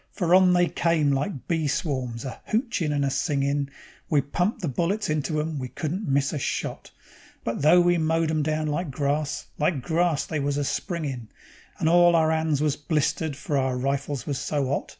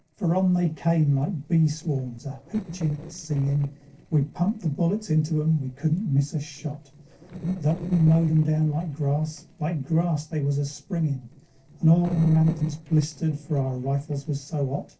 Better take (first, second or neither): first